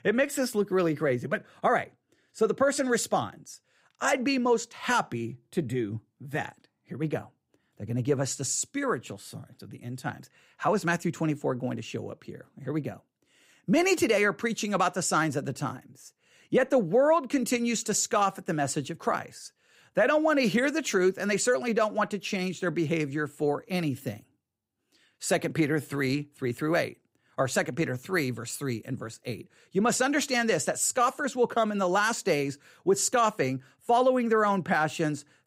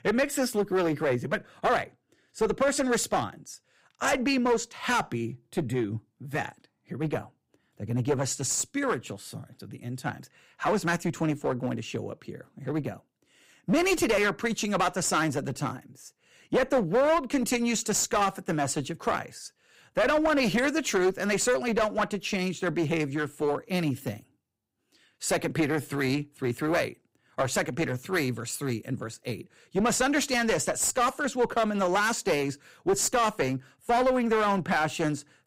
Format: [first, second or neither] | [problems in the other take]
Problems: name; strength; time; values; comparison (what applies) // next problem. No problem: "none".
first | distortion; slight; 8% of the sound clipped